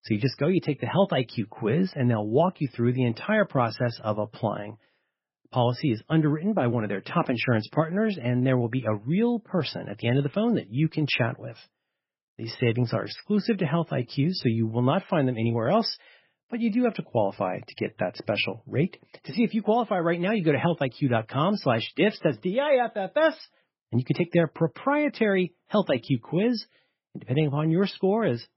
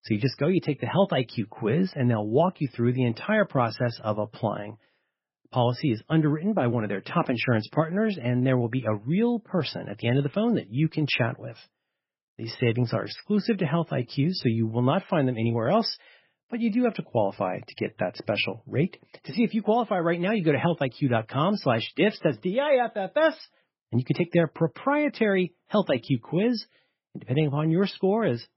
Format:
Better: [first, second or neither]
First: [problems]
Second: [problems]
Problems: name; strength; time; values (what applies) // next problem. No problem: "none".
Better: neither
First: garbled, watery; badly; nothing above 5.5 kHz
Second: garbled, watery; badly; nothing above 5.5 kHz